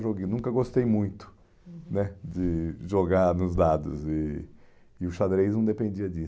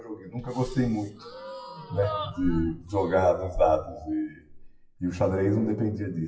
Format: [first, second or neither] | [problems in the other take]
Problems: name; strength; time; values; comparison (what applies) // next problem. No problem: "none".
first | noise reduction (classical method WPE with log-MMSE)